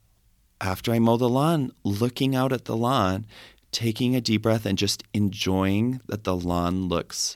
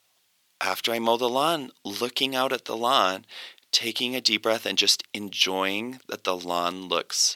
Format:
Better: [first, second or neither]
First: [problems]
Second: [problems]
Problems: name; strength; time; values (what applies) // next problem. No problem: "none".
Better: first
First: none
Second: thin; somewhat; fading below 500 Hz